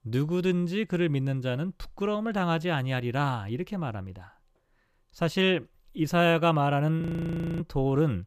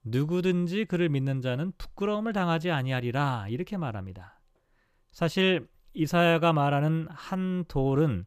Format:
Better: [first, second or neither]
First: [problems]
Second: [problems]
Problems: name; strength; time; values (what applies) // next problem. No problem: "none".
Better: second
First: audio freezing; at 7 s for 0.5 s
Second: none